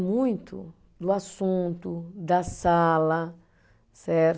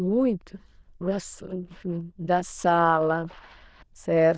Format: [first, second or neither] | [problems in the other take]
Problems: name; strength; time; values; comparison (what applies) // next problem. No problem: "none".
first | noise reduction (neural diffusion model UNIVERSE++)